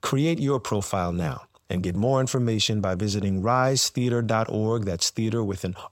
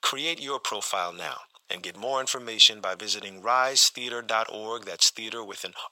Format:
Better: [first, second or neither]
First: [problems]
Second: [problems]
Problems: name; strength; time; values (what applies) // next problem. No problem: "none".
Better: first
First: none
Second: thin; very; fading below 850 Hz